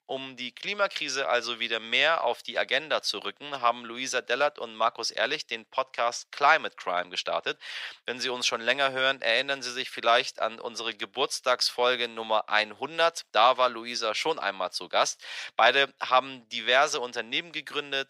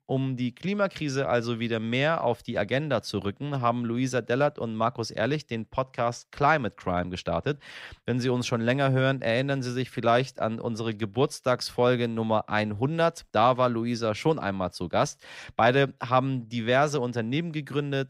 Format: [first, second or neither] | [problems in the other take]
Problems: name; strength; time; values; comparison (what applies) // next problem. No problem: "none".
second | thin; very; fading below 650 Hz